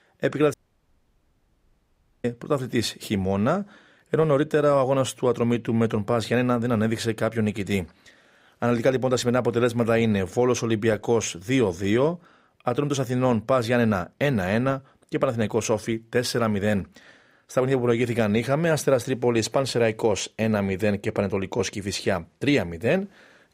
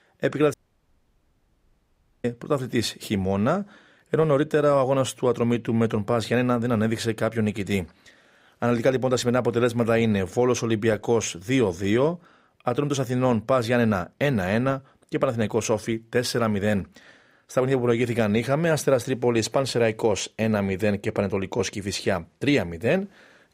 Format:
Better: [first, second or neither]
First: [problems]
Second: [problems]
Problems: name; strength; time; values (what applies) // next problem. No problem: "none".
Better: neither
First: audio cutting out; at 0.5 s for 1.5 s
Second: audio cutting out; at 0.5 s for 1.5 s